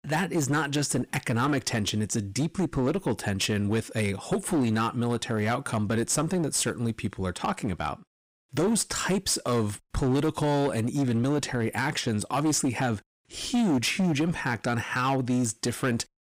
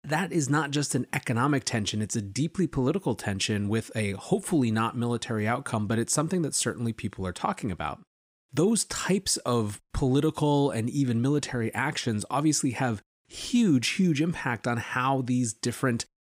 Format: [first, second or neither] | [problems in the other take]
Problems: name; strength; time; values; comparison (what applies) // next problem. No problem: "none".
second | distortion; slight; 13% of the sound clipped